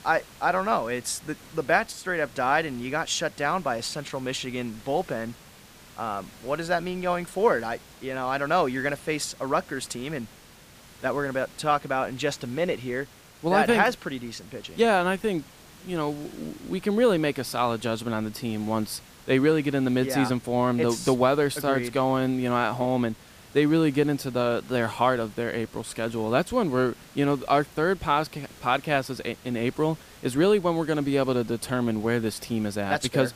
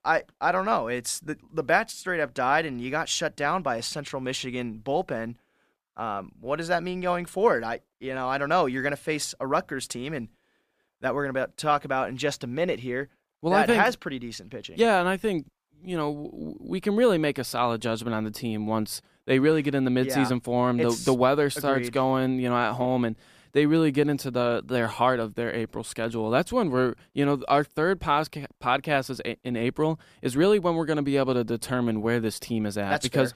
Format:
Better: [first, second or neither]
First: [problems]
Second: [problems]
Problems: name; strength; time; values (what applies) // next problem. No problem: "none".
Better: second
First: hiss; faint; throughout; 20 dB below the speech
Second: none